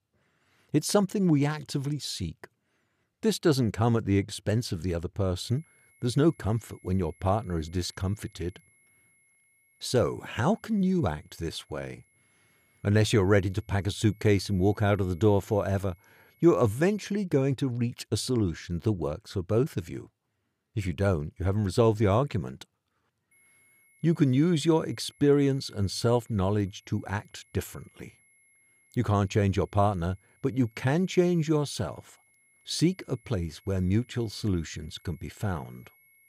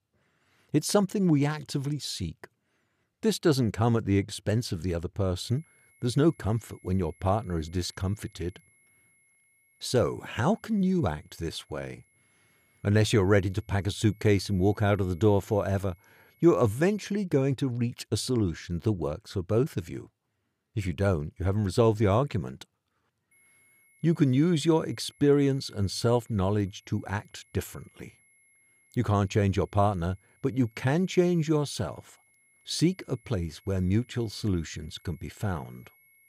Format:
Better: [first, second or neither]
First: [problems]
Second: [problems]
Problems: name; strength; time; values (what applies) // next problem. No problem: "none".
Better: neither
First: high-pitched whine; faint; from 5.5 to 17 s and from 23 s on; 2 kHz, 35 dB below the speech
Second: high-pitched whine; faint; from 5.5 to 17 s and from 23 s on; 2 kHz, 35 dB below the speech